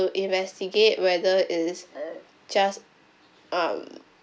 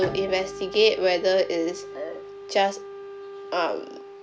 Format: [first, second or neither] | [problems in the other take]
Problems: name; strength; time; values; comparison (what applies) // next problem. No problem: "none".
first | background sound (Wind instrument, woodwind instrument + Bowed string instrument); 11 dB below the speech